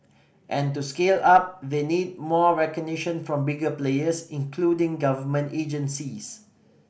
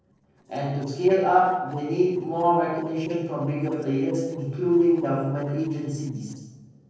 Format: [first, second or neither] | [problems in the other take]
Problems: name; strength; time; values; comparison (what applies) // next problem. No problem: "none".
first | noise reduction (neural separator model SepFormer DNS4)